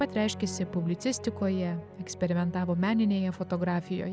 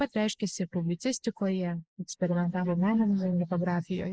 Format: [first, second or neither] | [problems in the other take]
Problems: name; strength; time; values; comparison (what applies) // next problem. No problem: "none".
first | noise reduction (neural mask model Resemble Enhance denoiser)